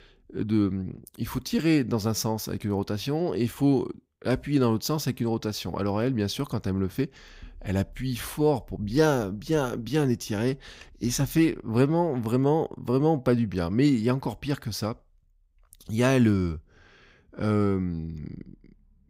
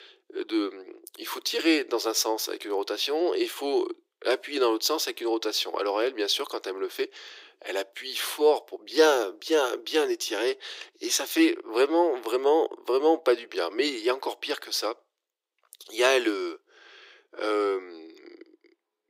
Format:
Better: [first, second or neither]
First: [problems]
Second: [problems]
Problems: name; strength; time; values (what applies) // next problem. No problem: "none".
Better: first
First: none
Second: thin; very; fading below 350 Hz